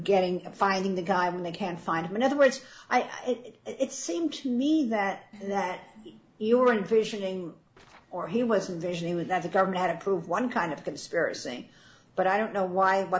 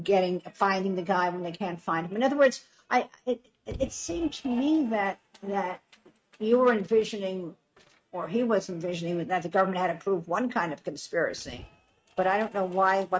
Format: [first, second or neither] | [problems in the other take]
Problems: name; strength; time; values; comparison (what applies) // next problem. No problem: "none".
first | noise reduction (neural mask model RNNoise)